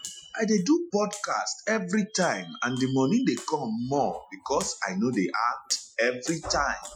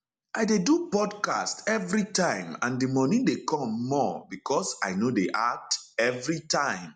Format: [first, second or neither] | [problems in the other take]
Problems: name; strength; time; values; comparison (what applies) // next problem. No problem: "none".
second | noise reduction (classical method Wiener filter)